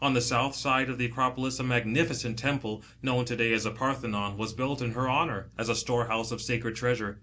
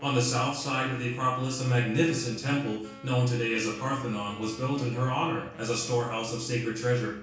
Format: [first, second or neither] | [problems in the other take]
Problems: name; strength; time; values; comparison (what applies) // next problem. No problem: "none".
first | background sound (Wind instrument, woodwind instrument); 19 dB below the speech // room echo; dies away in 0.6 s